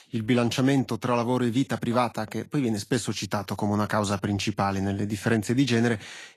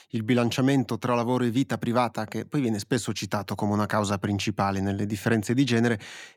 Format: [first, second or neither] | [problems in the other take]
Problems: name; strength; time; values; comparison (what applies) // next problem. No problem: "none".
second | garbled, watery; slightly; nothing above 12.5 kHz